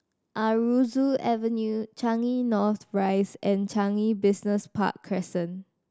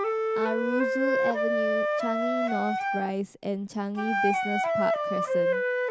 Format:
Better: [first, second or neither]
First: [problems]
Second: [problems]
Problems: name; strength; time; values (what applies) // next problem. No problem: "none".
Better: first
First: none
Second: background sound (Wind instrument, woodwind instrument); 4 dB above the speech